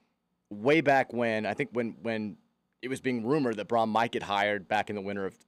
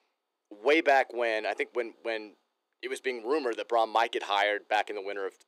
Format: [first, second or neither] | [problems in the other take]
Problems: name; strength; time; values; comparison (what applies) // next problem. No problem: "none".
first | thin; very; fading below 350 Hz